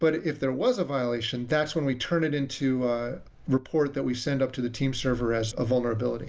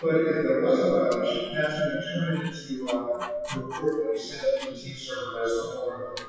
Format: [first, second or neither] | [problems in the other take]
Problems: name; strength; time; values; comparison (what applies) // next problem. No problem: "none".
first | noise reduction (classical method WPE with log-MMSE)